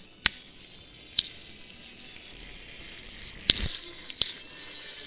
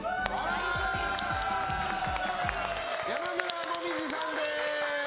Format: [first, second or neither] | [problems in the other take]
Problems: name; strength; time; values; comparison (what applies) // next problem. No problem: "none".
second | noise reduction (neural separator model SepFormer WHAMR!)